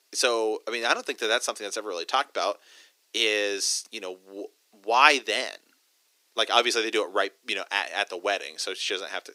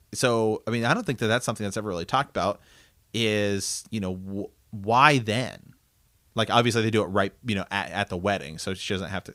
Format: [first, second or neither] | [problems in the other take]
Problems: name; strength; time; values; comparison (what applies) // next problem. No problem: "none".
second | thin; very; fading below 300 Hz